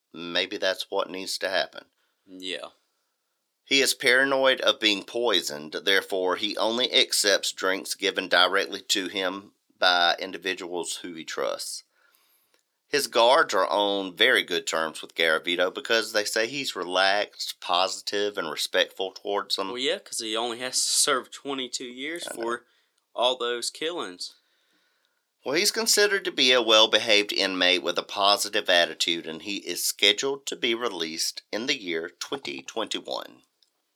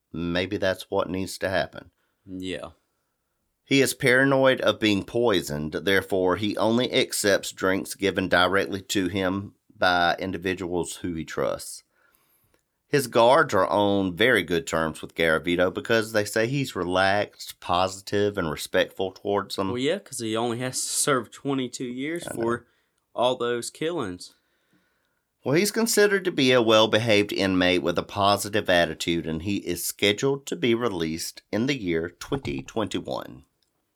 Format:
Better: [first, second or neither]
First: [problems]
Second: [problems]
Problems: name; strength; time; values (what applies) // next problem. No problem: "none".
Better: second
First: thin; somewhat; fading below 400 Hz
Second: none